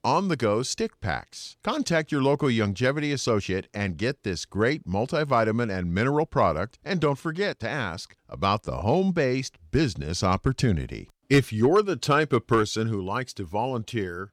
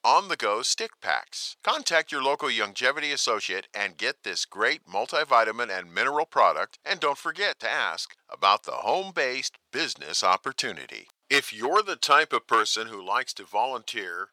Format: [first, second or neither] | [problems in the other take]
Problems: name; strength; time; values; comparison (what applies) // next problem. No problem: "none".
first | thin; very; fading below 850 Hz